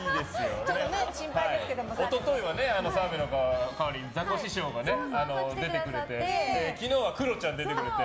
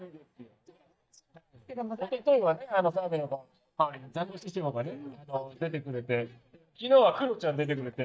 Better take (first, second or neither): first